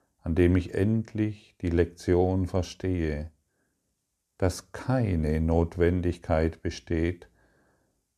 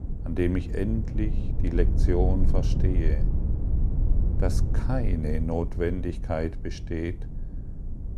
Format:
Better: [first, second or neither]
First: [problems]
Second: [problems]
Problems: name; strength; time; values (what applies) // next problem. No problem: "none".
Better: first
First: none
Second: low rumble; loud; throughout; 10 dB below the speech